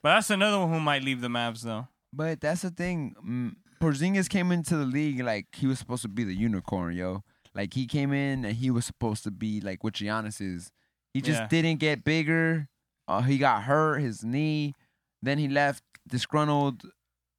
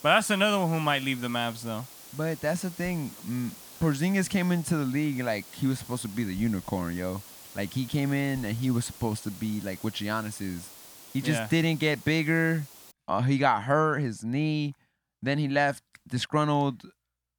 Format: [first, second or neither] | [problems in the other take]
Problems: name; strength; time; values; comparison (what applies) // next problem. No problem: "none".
first | hiss; noticeable; until 13 s; 15 dB below the speech